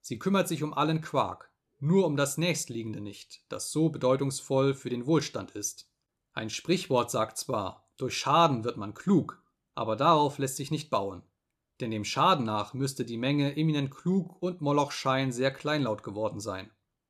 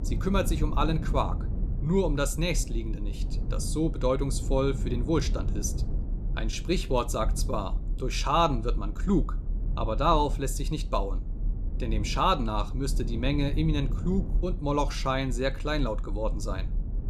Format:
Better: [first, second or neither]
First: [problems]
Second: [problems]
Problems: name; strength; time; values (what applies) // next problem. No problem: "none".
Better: first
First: none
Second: low rumble; noticeable; throughout; 15 dB below the speech